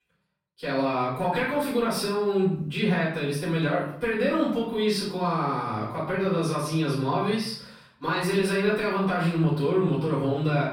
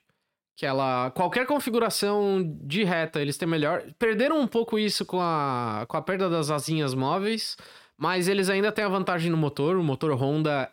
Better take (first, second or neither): second